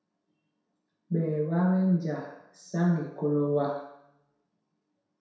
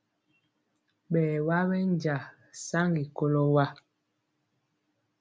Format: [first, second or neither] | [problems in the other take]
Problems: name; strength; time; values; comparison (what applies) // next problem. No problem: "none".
second | room echo; dies away in 0.7 s